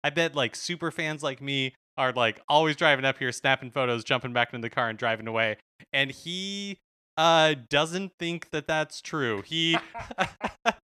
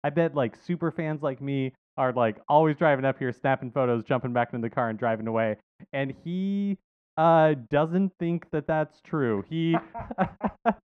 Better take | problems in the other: first | muffled; very; fading above 2.5 kHz

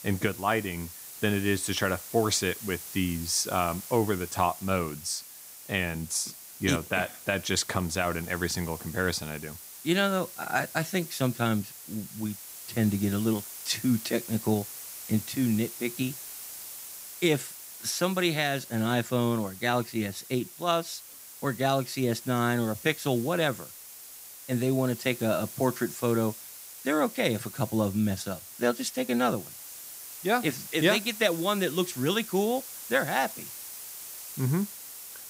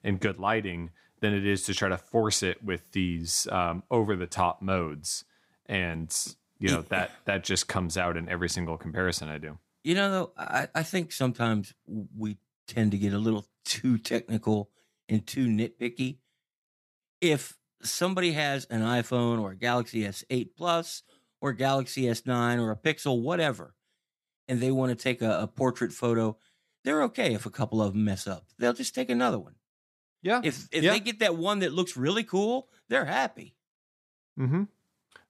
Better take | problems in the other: second | hiss; noticeable; throughout; 10 dB below the speech

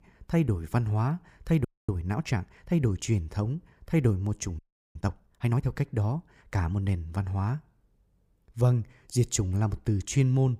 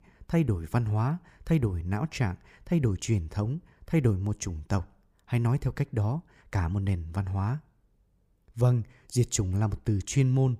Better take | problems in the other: second | audio freezing; at 1.5 s and at 4.5 s

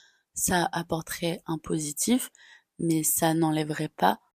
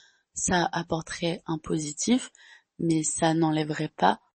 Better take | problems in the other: first | garbled, watery; slightly; nothing above 8 kHz

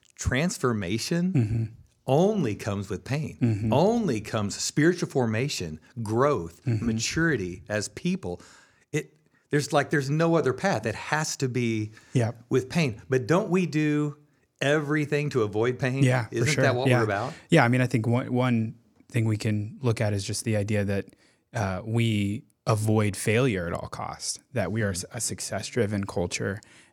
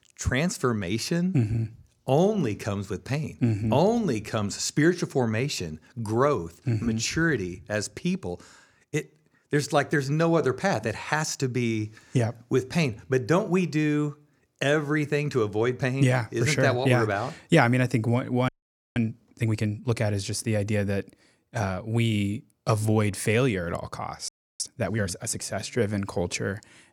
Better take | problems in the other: first | audio freezing; at 18 s and at 24 s

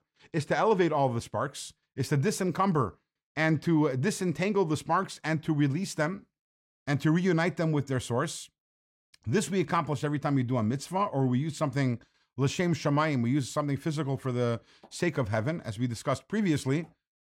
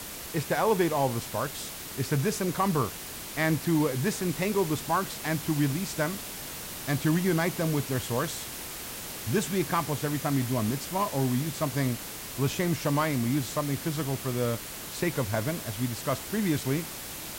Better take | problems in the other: first | hiss; loud; throughout; 7 dB below the speech

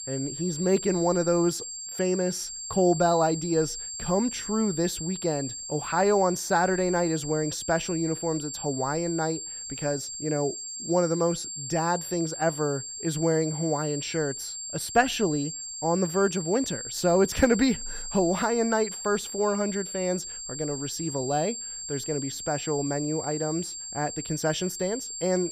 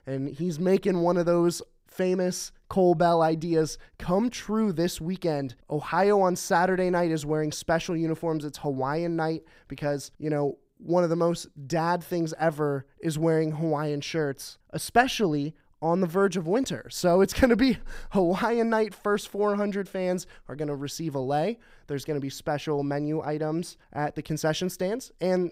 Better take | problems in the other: second | high-pitched whine; loud; throughout; 7.5 kHz, 7 dB below the speech

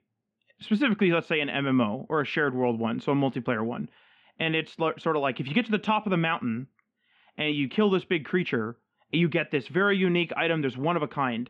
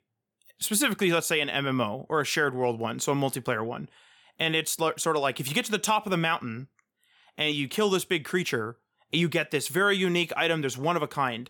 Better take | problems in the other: second | muffled; very; fading above 3 kHz

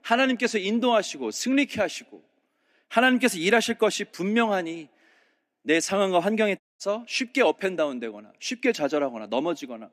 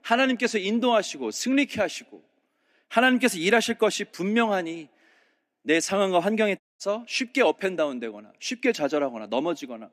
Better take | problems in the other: neither | audio cutting out; at 6.5 s; the same in both

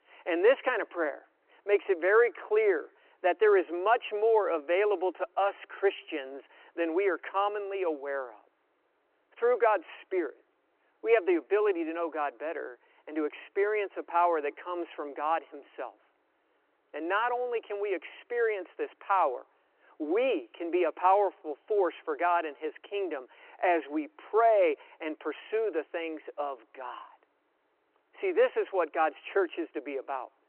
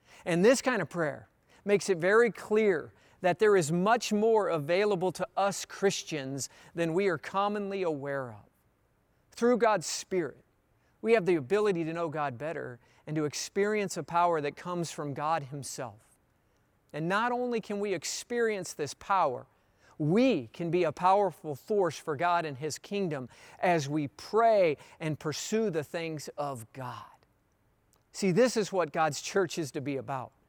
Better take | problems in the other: second | phone-call audio

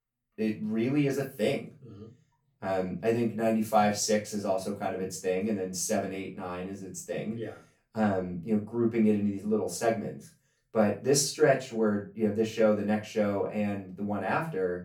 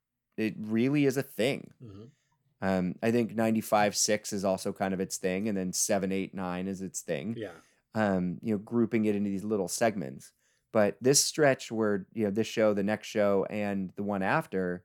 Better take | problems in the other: second | off-mic speech; far // room echo; slight; dies away in 0.3 s

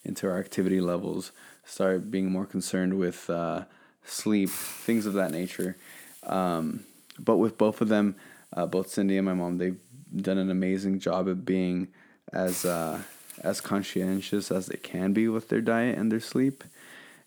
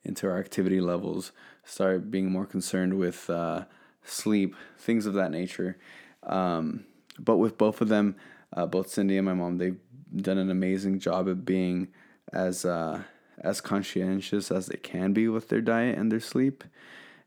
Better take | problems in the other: second | hiss; noticeable; throughout; 15 dB below the speech

